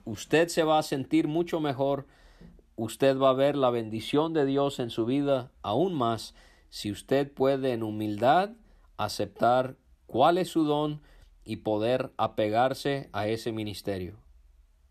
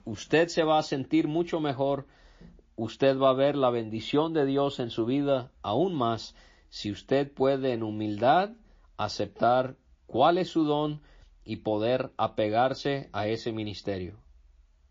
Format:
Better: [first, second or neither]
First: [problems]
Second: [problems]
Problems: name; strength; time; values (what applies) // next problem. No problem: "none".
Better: first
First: none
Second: garbled, watery; slightly